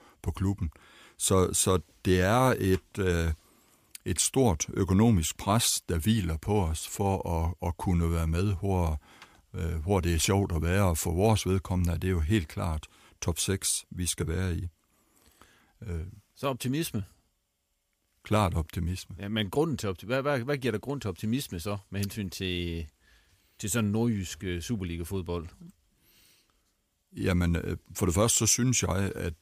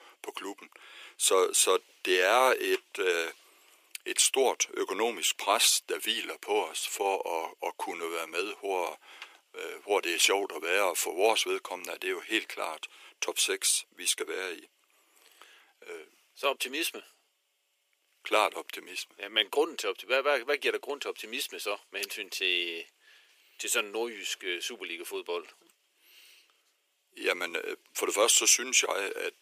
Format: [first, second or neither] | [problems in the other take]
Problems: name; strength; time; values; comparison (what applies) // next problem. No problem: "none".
first | thin; very; fading below 350 Hz